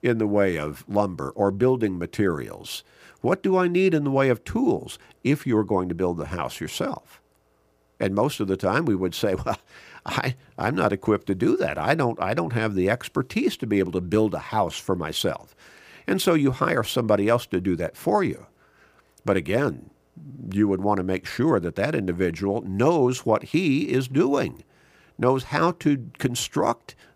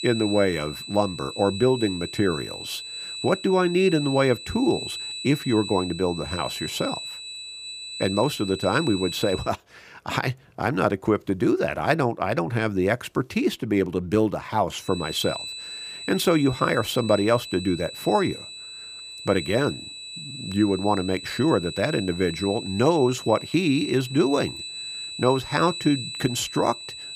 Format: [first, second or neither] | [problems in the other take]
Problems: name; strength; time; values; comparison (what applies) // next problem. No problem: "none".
first | high-pitched whine; loud; until 9.5 s and from 15 s on; 4 kHz, 9 dB below the speech